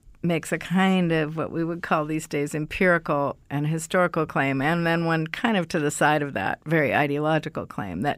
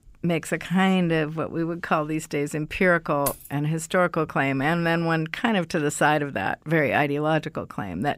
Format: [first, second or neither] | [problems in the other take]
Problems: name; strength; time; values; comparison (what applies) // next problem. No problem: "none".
first | jangling keys; noticeable; at 3.5 s; peak 8 dB below the speech